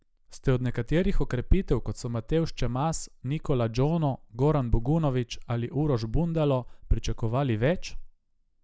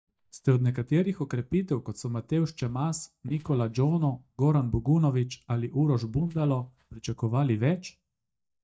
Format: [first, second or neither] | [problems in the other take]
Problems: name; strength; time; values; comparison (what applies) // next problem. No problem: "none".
first | noise reduction (neural mask model DeepFilterNet 3)